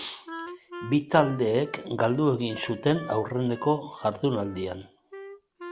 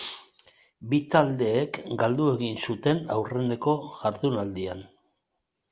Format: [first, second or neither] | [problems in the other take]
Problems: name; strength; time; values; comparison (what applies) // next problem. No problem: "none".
second | background sound (Wind instrument, woodwind instrument); 16 dB below the speech